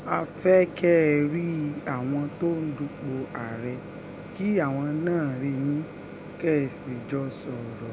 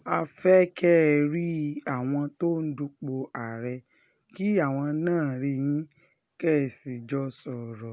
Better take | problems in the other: second | background sound (Microwave oven); 13 dB below the speech

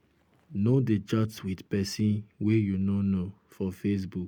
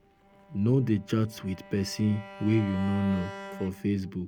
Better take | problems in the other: first | background sound (Bowed string instrument); 15 dB below the speech

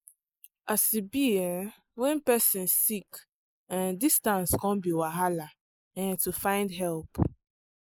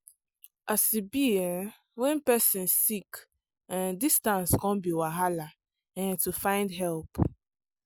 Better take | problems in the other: second | noise reduction (neural mask model Resemble Enhance denoiser)

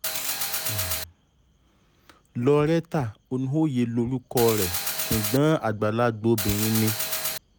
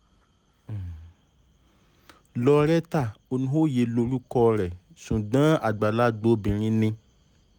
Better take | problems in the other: second | background sound (Mechanisms); 2 dB below the speech

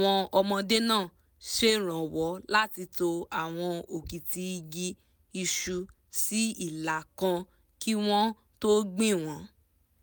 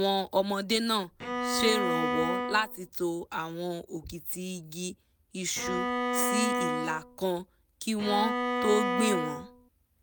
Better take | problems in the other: first | background sound (Bowed string instrument); 1 dB above the speech

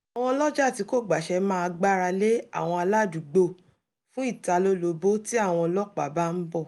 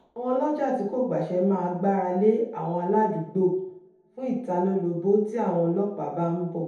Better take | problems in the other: first | room echo; dies away in 0.8 s

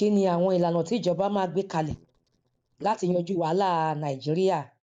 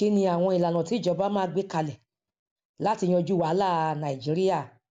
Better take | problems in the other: second | noise reduction (neural mask model DeepFilterNet 3)

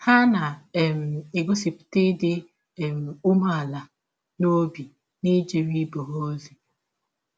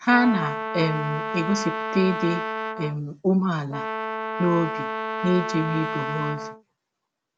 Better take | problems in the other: first | background sound (Brass instrument); 5 dB below the speech

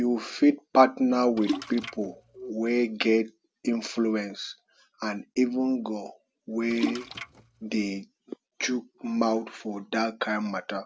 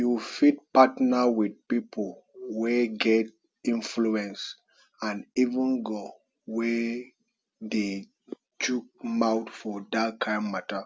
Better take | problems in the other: second | background sound (Splash, splatter); 8 dB below the speech

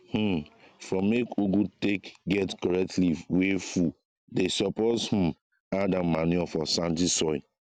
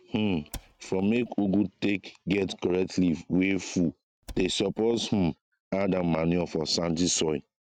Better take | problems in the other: first | noise reduction (neural mask model RNNoise)

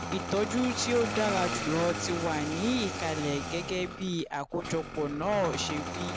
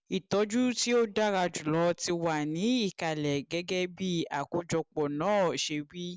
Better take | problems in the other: second | background sound (Engine starting); 5 dB below the speech

